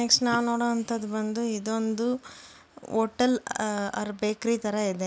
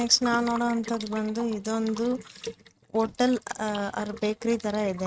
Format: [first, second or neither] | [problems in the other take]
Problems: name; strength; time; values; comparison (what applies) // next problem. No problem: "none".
first | noise reduction (neural mask model RNNoise)